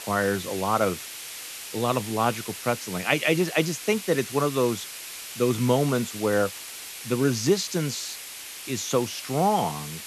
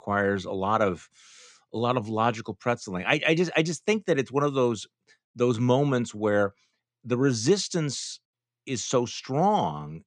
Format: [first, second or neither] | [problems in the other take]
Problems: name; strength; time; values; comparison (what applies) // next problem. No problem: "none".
second | hiss; loud; throughout; 10 dB below the speech